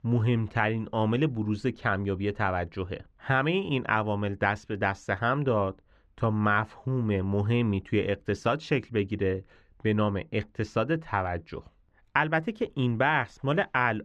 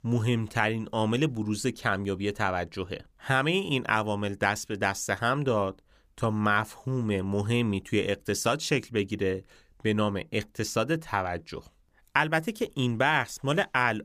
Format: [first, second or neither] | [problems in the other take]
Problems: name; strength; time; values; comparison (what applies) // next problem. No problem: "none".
second | muffled; slightly; fading above 2.5 kHz